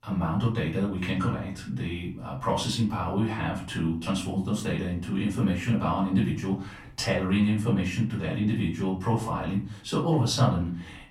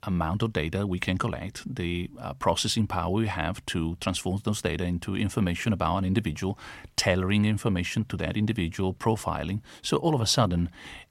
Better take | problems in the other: second | off-mic speech; far // room echo; slight; dies away in 0.4 s

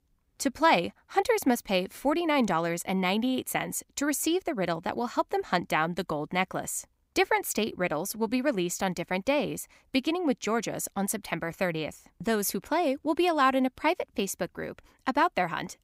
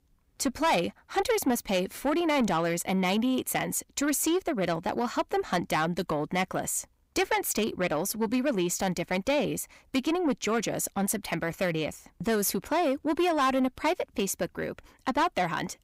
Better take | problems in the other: first | distortion; slight; 10 dB below the speech

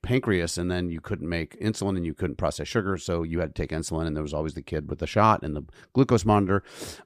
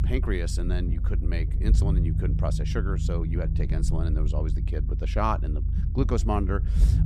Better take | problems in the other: first | low rumble; loud; throughout; 9 dB below the speech

